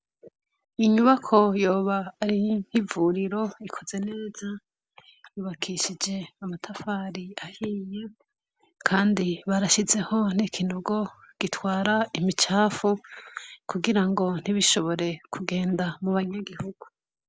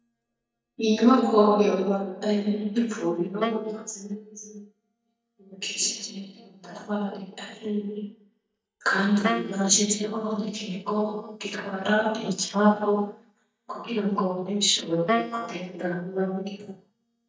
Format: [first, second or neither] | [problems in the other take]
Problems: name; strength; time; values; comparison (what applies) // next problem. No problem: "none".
first | noise reduction (neural mask model DeepFilterNet 3)